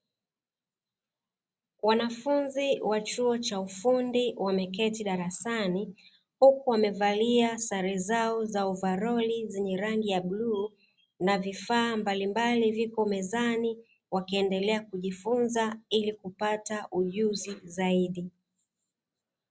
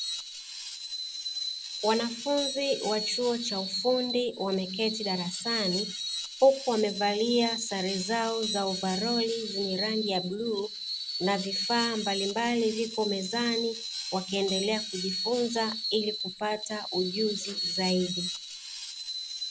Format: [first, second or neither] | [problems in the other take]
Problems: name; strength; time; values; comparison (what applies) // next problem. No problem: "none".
first | background sound (Screech); 5 dB below the speech